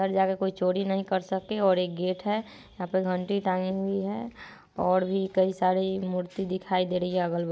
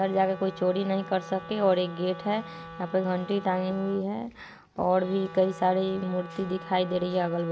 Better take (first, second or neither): first